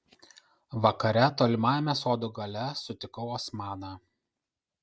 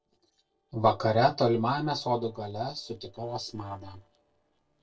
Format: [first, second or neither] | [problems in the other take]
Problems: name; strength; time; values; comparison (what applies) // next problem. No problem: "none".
first | noise reduction (neural separator model SepFormer DNS4)